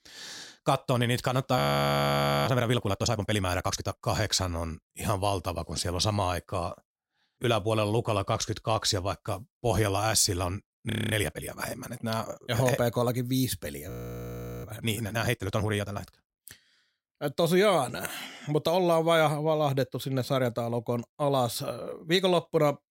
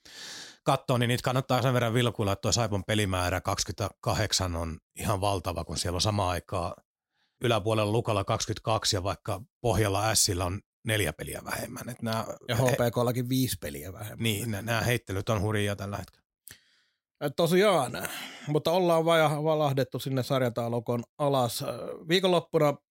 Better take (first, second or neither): second